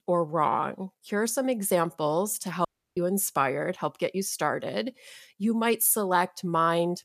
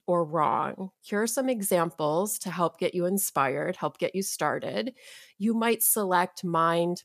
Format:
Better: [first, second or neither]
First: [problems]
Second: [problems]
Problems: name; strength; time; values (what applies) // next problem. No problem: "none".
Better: second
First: audio cutting out; at 2.5 s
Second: none